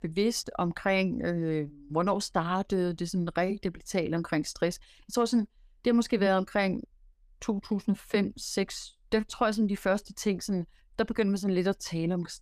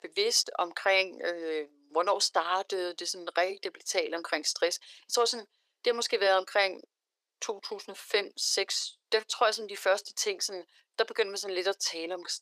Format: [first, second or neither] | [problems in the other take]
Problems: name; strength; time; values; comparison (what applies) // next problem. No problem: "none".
first | thin; very; fading below 400 Hz